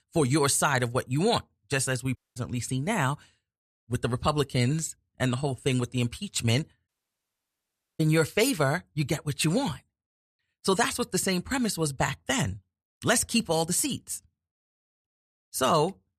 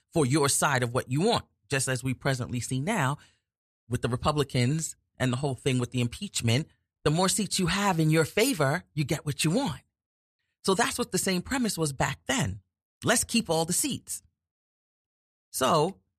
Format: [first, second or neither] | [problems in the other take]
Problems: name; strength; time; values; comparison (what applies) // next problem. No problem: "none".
second | audio cutting out; at 2 s and at 7 s for 1 s